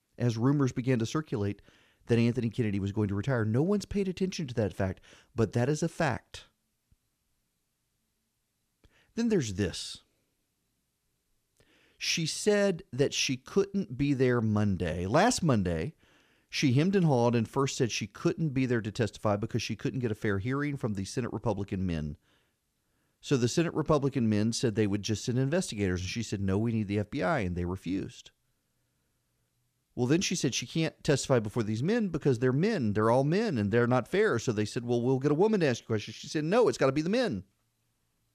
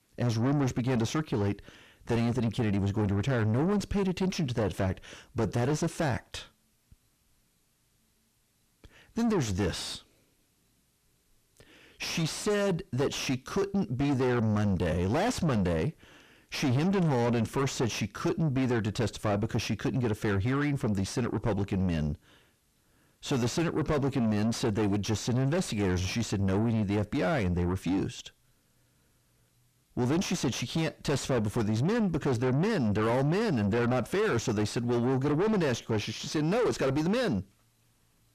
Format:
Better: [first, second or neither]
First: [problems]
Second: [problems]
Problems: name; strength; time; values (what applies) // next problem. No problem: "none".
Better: first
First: none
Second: distortion; heavy; 6 dB below the speech